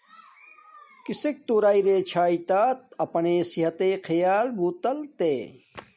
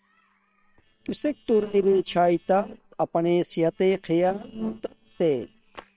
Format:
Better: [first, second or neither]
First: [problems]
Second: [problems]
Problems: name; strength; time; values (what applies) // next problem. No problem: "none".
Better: first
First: none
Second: noise reduction (neural separator model SepFormer WHAM!)